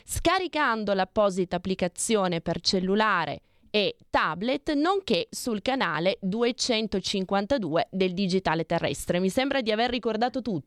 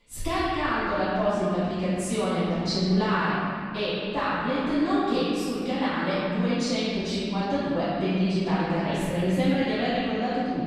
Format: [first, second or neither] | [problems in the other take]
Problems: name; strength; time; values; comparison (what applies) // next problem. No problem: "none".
first | off-mic speech; far // room echo; strong; dies away in 3 s